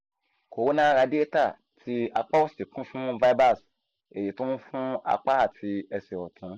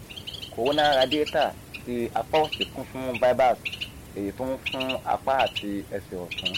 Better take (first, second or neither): first